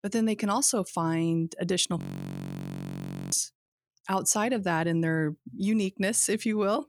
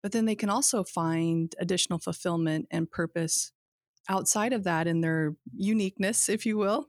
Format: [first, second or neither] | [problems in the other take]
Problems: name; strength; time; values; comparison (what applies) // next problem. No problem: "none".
second | audio freezing; at 2 s for 1.5 s